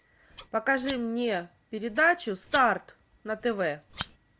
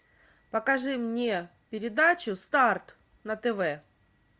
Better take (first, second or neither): second